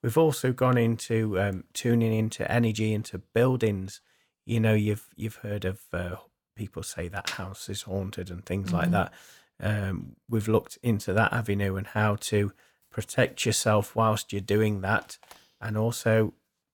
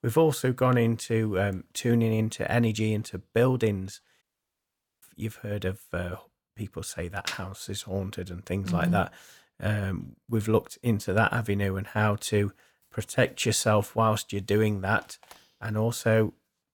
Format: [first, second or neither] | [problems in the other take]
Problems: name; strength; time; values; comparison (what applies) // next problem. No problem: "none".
first | audio cutting out; at 4 s for 1 s